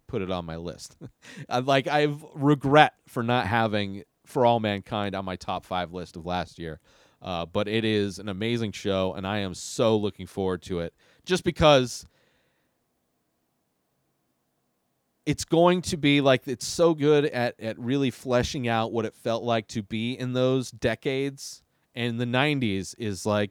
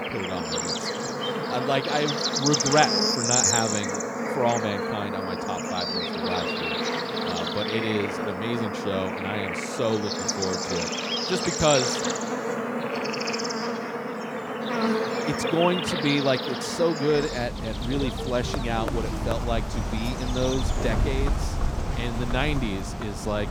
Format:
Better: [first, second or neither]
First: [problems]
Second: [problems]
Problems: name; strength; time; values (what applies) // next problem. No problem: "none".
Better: first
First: none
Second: animal sounds; very loud; throughout; 1 dB above the speech